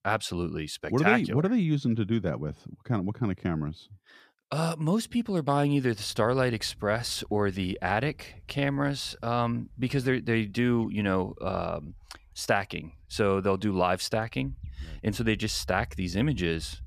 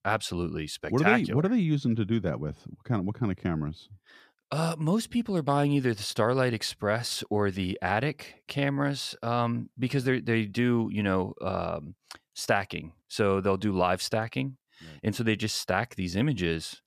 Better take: second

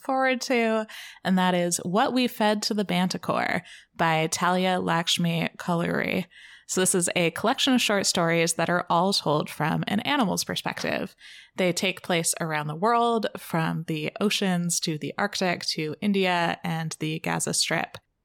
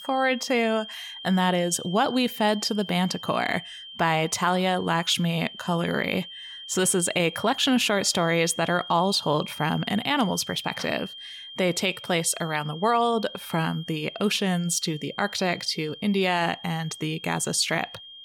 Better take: first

